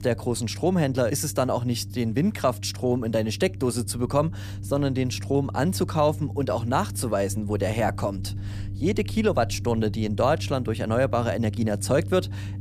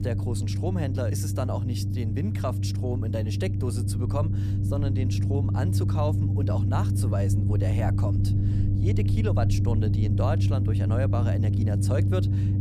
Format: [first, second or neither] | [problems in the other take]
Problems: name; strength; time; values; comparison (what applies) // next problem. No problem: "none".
first | low rumble; loud; throughout; 3 dB below the speech; faint in the first